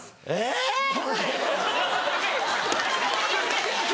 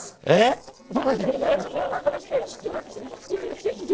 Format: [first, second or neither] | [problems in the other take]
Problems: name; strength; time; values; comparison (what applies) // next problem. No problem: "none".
first | noise reduction (neural separator model SepFormer DNS4)